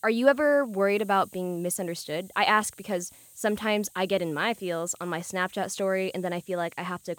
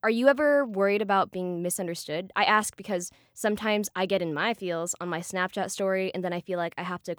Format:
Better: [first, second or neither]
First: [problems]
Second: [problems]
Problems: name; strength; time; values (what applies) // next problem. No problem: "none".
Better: second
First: hiss; faint; throughout; 25 dB below the speech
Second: none